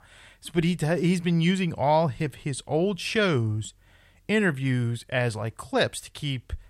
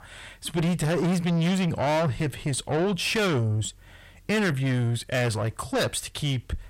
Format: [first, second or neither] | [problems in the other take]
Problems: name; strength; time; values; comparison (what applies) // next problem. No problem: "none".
first | distortion; heavy; 7 dB below the speech